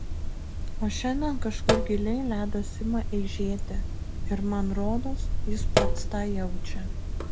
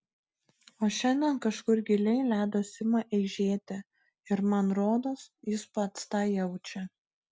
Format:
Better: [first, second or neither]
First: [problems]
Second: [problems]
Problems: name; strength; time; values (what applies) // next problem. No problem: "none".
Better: second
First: background sound (Sink (filling or washing)); 4 dB above the speech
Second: none